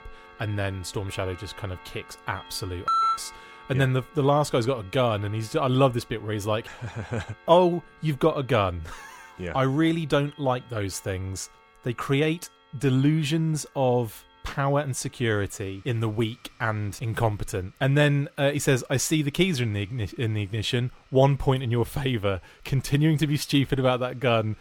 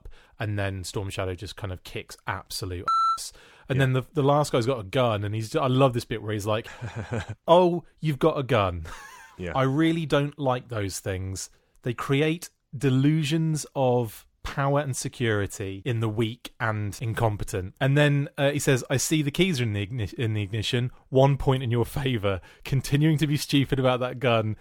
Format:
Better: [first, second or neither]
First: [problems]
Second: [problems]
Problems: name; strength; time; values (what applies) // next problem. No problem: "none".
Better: second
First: household noises; faint; throughout; 25 dB below the speech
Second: none